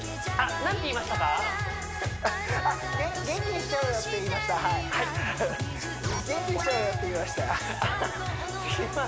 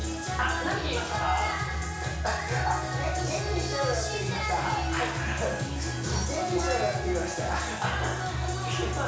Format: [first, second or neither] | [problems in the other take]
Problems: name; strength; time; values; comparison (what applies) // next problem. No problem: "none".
first | room echo; dies away in 0.6 s